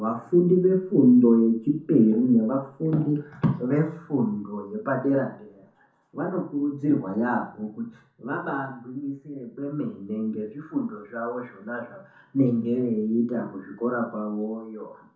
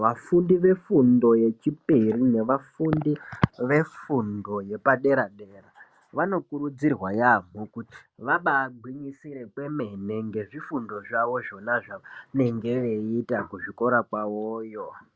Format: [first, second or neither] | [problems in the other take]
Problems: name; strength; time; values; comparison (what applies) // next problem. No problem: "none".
second | room echo; dies away in 0.7 s